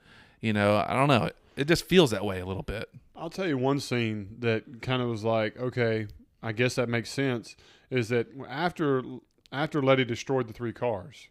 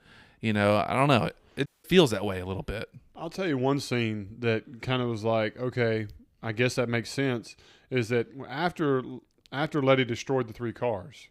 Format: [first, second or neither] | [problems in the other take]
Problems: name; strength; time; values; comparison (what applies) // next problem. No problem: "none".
first | audio cutting out; at 1.5 s